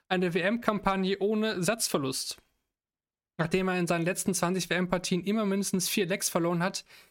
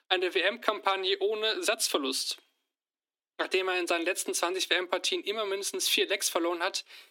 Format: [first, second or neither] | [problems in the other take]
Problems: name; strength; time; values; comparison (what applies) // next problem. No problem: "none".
first | thin; very; fading below 250 Hz